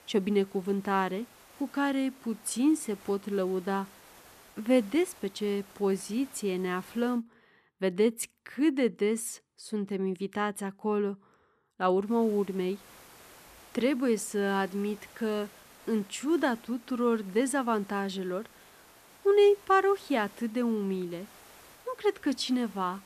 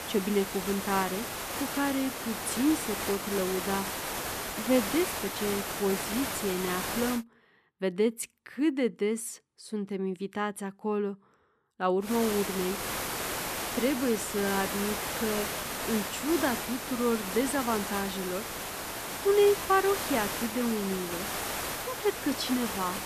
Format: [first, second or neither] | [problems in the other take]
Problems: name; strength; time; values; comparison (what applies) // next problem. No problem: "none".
first | hiss; loud; until 7 s and from 12 s on; 3 dB below the speech; faint in the first